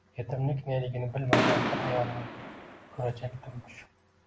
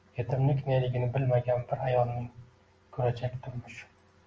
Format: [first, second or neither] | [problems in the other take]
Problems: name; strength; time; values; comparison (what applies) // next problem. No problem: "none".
second | background sound (Fireworks); 1 dB above the speech